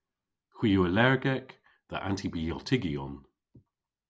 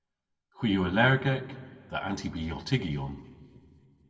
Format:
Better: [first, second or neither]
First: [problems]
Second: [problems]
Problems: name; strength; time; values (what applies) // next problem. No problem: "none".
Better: first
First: none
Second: room echo; dies away in 1.5 s